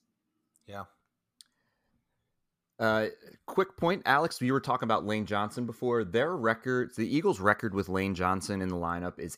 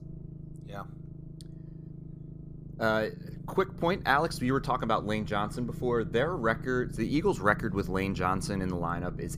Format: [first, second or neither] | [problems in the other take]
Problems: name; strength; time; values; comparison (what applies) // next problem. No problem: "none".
first | low rumble; faint; throughout; 20 dB below the speech